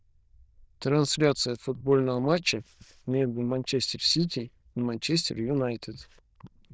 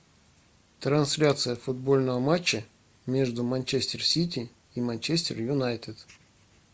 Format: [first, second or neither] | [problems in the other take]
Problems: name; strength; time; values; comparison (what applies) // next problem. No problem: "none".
second | noise reduction (neural diffusion model UNIVERSE++)